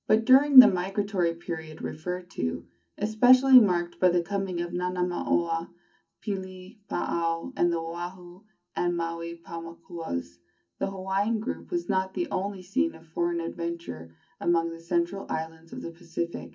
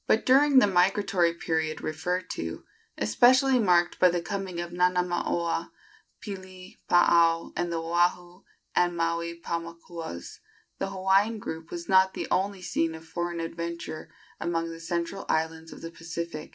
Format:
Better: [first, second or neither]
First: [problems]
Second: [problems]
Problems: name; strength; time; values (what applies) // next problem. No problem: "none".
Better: second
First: room echo; dies away in 0.3 s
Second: none